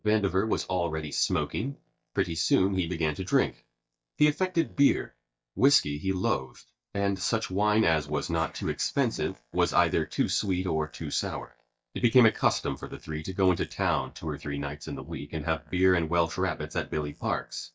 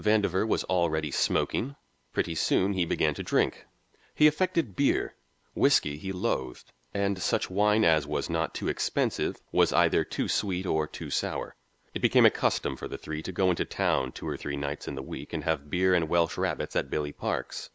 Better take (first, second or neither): second